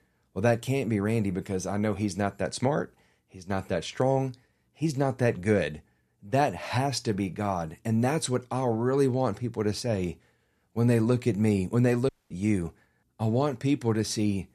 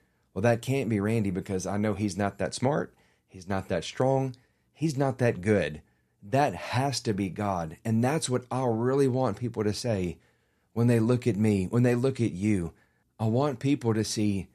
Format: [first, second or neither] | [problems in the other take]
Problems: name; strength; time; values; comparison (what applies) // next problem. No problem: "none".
second | audio cutting out; at 12 s